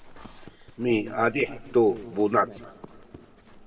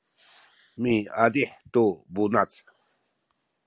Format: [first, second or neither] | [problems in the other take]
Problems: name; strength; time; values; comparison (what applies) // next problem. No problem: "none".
second | background sound (Livestock, farm animals, working animals); 19 dB below the speech // room echo; dies away in 1.2 s